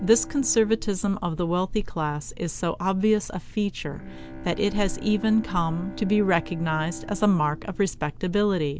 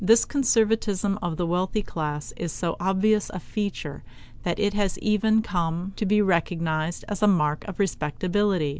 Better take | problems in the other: second | background sound (Bowed string instrument); 18 dB below the speech

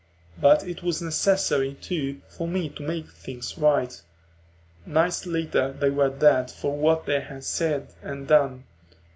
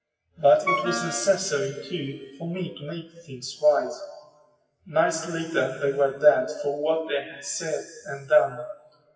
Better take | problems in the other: first | noise reduction (classical method WPE with log-MMSE)

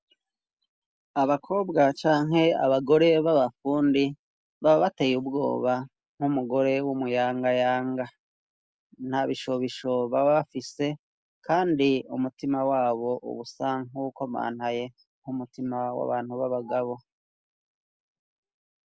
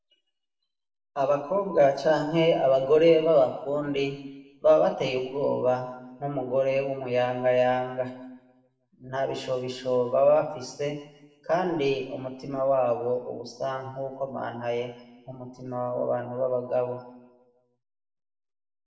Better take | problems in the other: first | room echo; dies away in 0.9 s

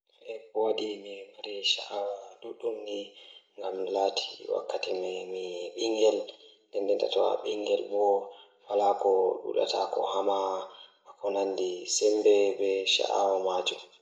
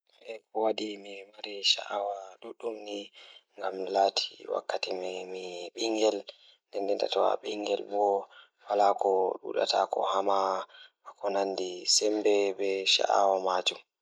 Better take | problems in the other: second | room echo; dies away in 0.6 s

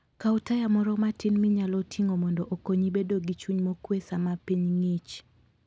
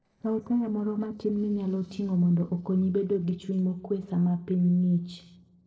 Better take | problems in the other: first | noise reduction (neural separator model SepFormer DNS4)

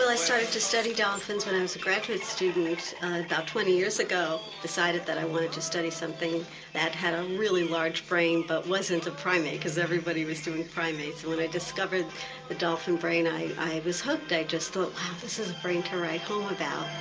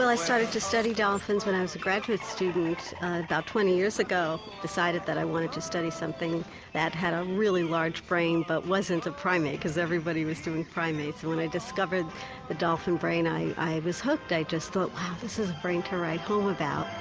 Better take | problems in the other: second | room echo; dies away in 0.2 s

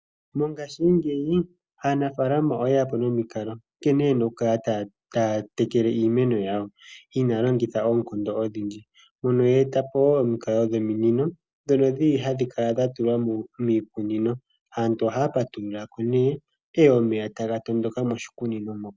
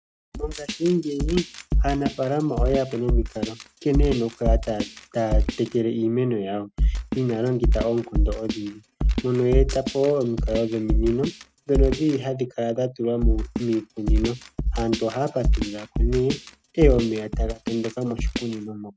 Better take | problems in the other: first | noise reduction (neural mask model RNNoise)

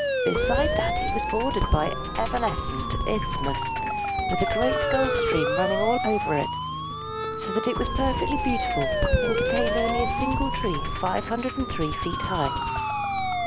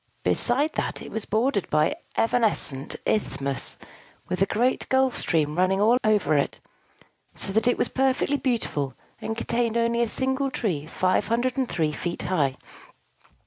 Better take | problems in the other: second | background sound (Musical instrument + Siren); 3 dB above the speech

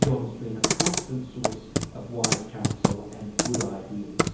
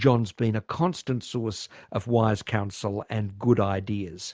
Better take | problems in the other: second | background sound (Computer keyboard); 4 dB above the speech // room echo; dies away in 2.2 s

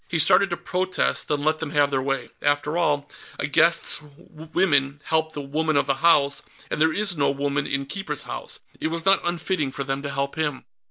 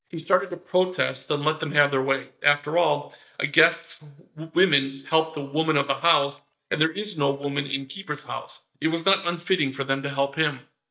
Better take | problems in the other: first | noise reduction (neural mask model DeepFilterNet 3)

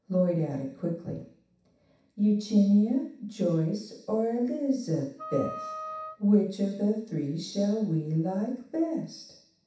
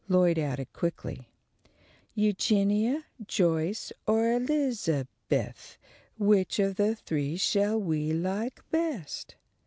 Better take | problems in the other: second | background sound (Wind instrument, woodwind instrument); 12 dB below the speech // room echo; dies away in 0.7 s

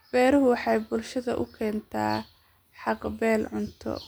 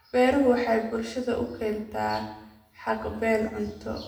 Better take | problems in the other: first | room echo; dies away in 0.7 s

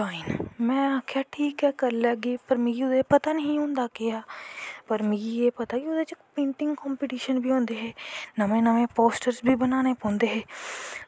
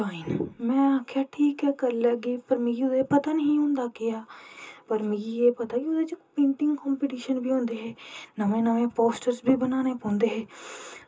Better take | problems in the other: first | room echo; dies away in 0.2 s

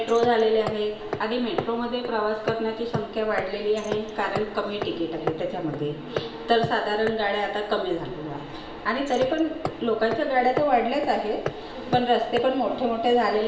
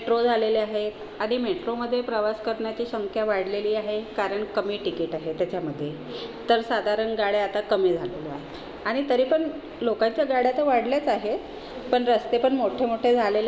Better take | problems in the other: second | background sound (Hammer); 10 dB below the speech // room echo; dies away in 0.8 s

